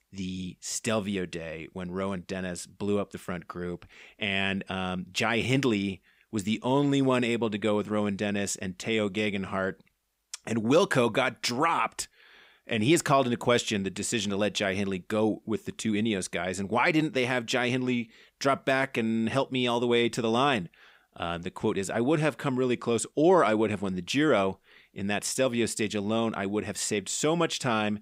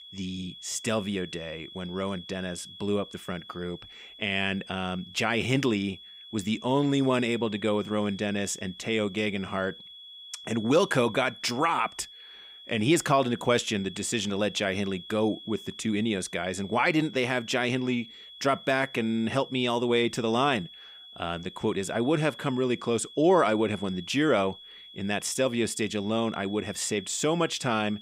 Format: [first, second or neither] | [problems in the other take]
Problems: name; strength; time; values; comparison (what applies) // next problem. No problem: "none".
first | high-pitched whine; noticeable; throughout; 3.5 kHz, 15 dB below the speech